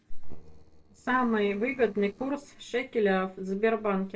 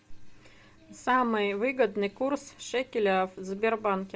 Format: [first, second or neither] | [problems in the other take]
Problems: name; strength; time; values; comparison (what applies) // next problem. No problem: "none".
second | noise reduction (neural separator model SepFormer DNS4)